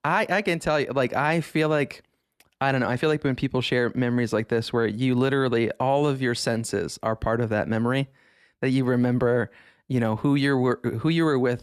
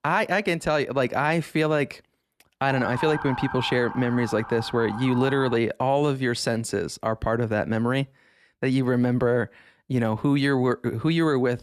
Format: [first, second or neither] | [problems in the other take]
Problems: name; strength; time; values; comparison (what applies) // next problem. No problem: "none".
first | siren; noticeable; from 2.5 to 5.5 s; peak 7 dB below the speech